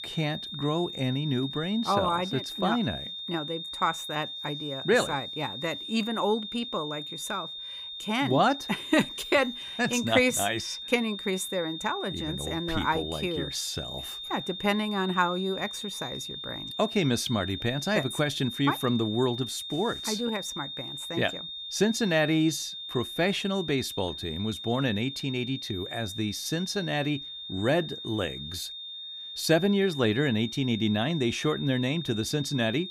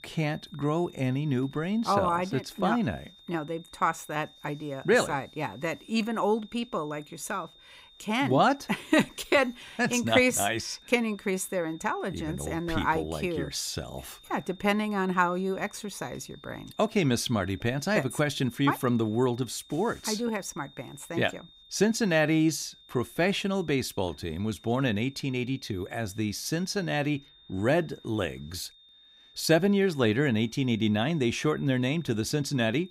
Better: second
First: high-pitched whine; loud; throughout; 3.5 kHz, 7 dB below the speech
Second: high-pitched whine; faint; throughout; 3.5 kHz, 25 dB below the speech

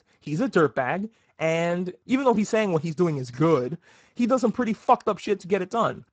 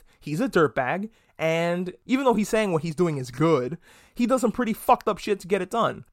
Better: second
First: garbled, watery; badly; nothing above 7.5 kHz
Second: none

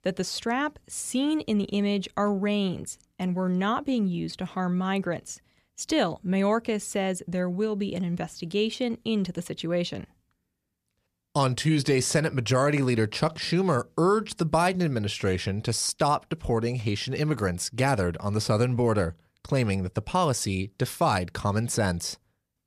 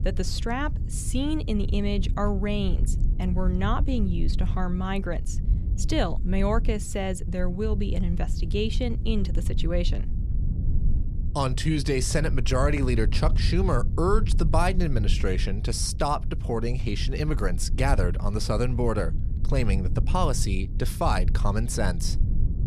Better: first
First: none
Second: low rumble; noticeable; throughout; 15 dB below the speech

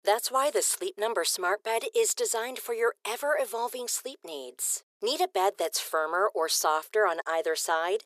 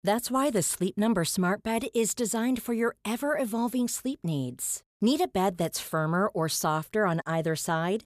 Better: second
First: thin; very; fading below 400 Hz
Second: none

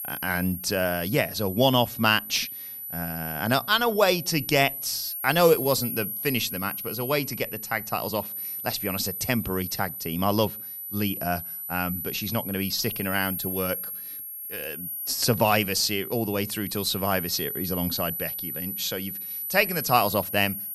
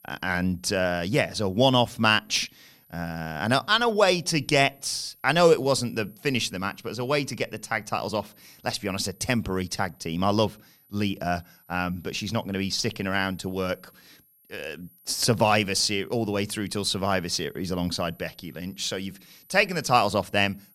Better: second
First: high-pitched whine; loud; throughout; 12 kHz, 6 dB below the speech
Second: high-pitched whine; faint; throughout; 12 kHz, 30 dB below the speech

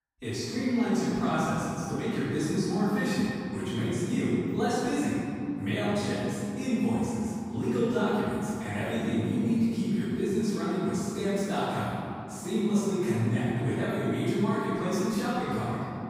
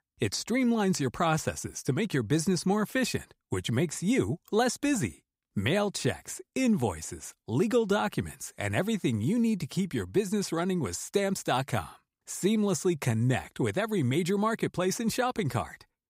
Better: second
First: off-mic speech; far // room echo; strong; dies away in 3 s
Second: none

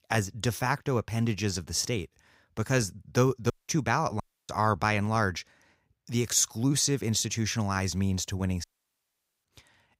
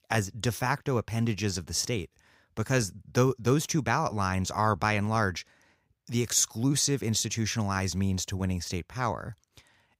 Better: second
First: audio cutting out; at 3.5 s, at 4 s and at 8.5 s for 1 s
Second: none

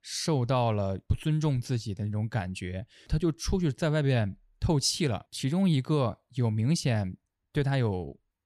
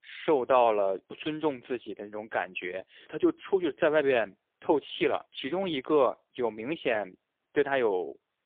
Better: first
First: none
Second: phone-call audio; poor line

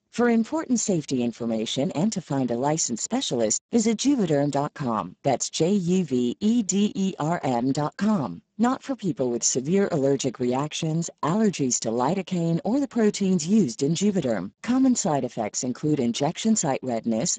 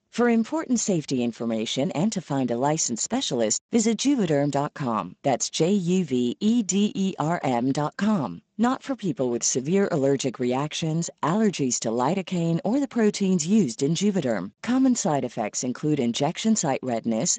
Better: second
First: garbled, watery; badly; nothing above 7.5 kHz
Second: garbled, watery; slightly; nothing above 7.5 kHz

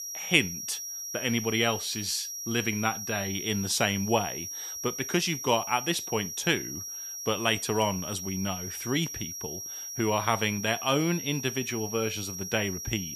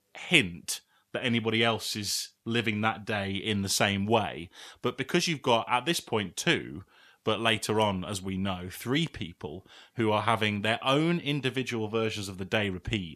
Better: second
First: high-pitched whine; loud; throughout; 5.5 kHz, 6 dB below the speech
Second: none

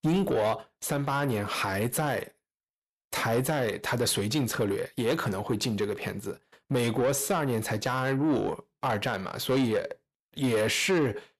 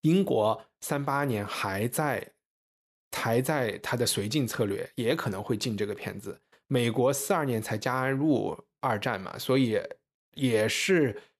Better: second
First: distortion; slight; 10 dB below the speech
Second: none

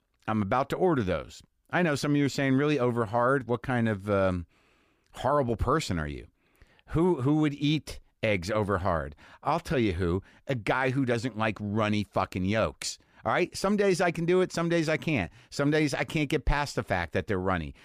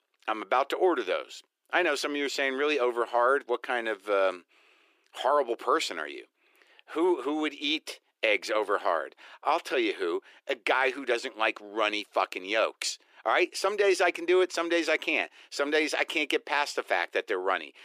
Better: first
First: none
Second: thin; very; fading below 350 Hz

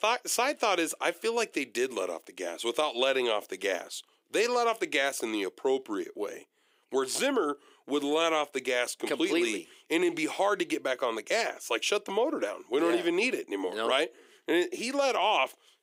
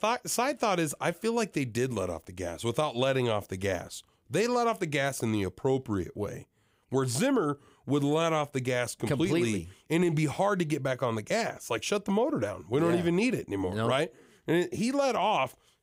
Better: second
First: thin; somewhat; fading below 350 Hz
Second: none

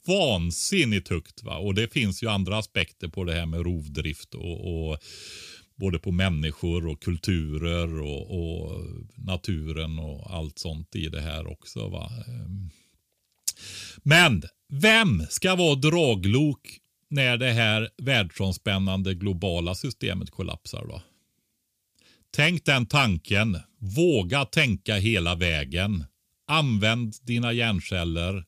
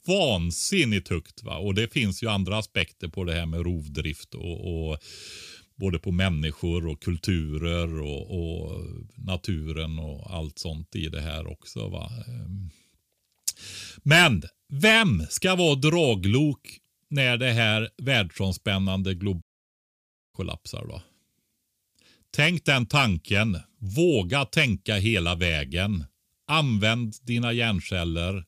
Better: first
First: none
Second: audio cutting out; at 19 s for 1 s

